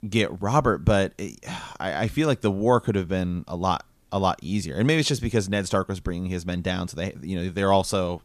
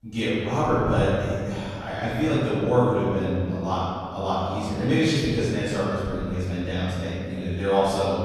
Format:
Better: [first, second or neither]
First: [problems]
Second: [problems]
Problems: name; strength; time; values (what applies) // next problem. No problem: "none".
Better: first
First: none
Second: room echo; strong; dies away in 1.9 s // off-mic speech; far